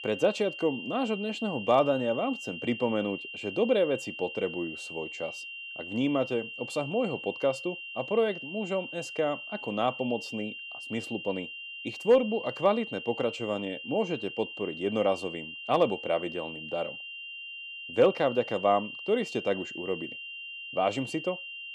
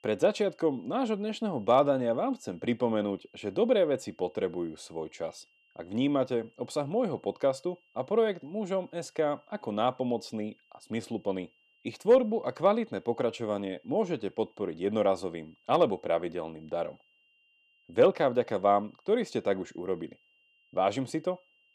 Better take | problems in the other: second | high-pitched whine; loud; throughout; 3 kHz, 9 dB below the speech; faint in the second

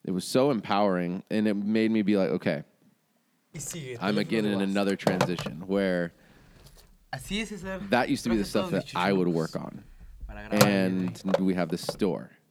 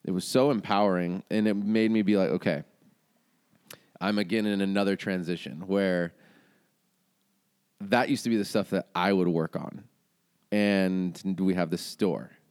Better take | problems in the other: second | phone ringing; loud; from 4 to 12 s; peak 2 dB above the speech

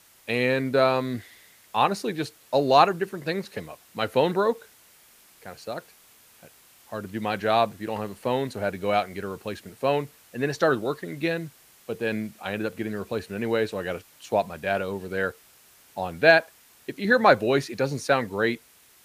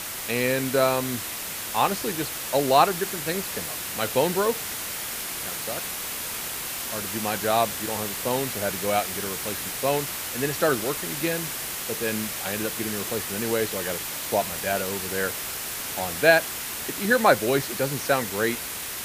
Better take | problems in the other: first | hiss; loud; throughout; 3 dB below the speech; faint in the first

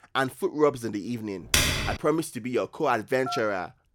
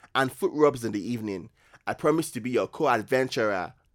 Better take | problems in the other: second | keyboard typing; loud; at 1.5 s; peak 6 dB above the speech // phone ringing; noticeable; at 3.5 s; peak 7 dB below the speech

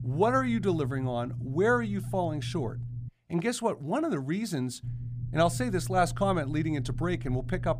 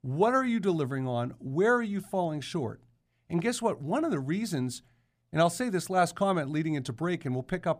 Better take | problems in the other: second | low rumble; noticeable; until 3 s and from 5 s on; 20 dB below the speech

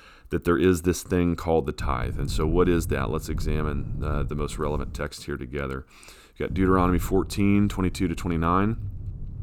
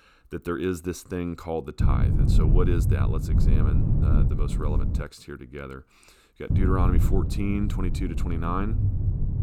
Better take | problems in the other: first | low rumble; loud; from 2 to 5 s and from 6.5 s on; 4 dB below the speech; faint in the first

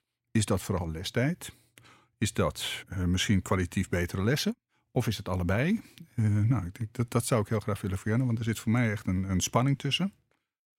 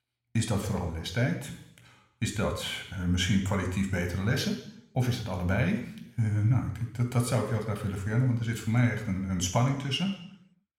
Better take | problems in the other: first | room echo; slight; dies away in 0.7 s

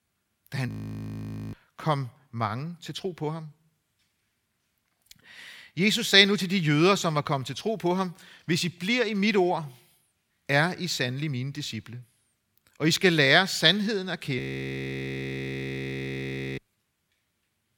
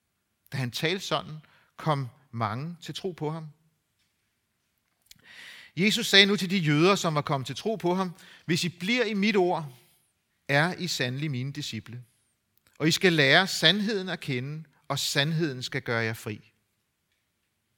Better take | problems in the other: second | audio freezing; at 0.5 s for 1 s and at 14 s for 2 s

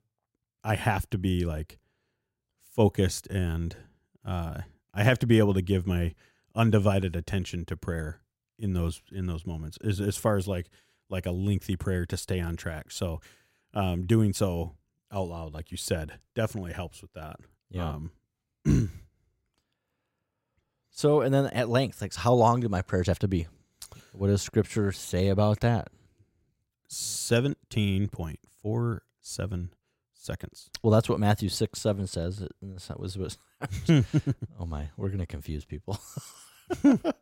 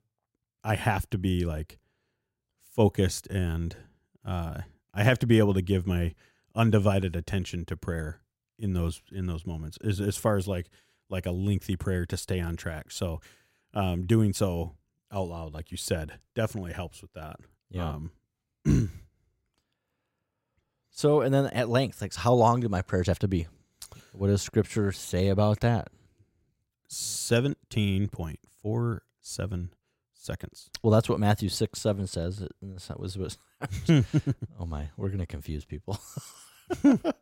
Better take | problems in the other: neither | none

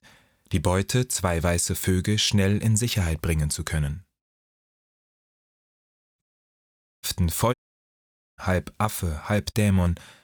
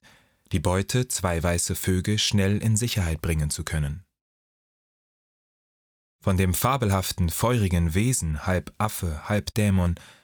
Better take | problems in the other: second | audio cutting out; at 6 s for 1 s and at 7.5 s for 1 s

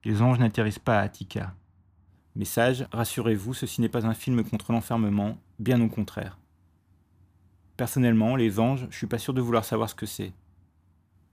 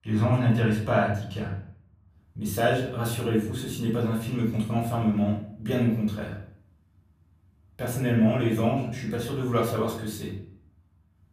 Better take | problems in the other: first | off-mic speech; far // room echo; noticeable; dies away in 0.5 s

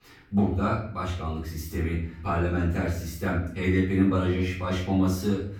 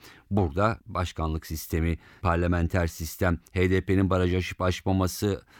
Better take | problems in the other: second | off-mic speech; far // room echo; noticeable; dies away in 0.6 s

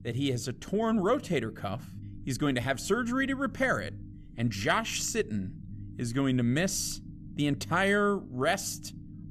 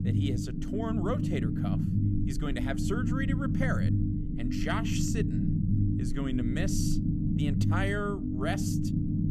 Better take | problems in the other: first | low rumble; loud; throughout; 2 dB below the speech; faint in the first

